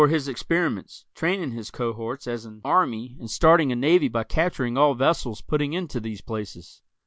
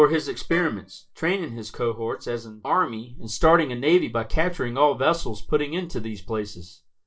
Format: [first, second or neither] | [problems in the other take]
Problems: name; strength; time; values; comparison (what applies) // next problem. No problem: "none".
first | noise reduction (neural separator model SepFormer DNS4)